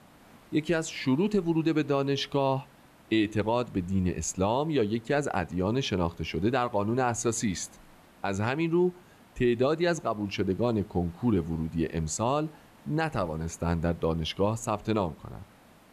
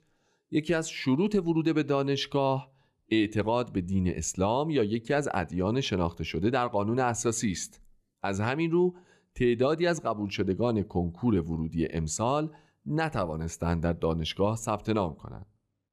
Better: second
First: hiss; faint; throughout; 25 dB below the speech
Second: none

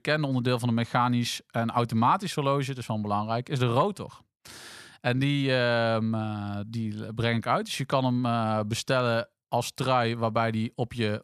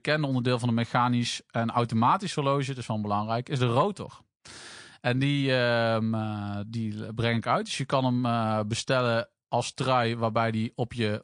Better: first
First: none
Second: garbled, watery; slightly

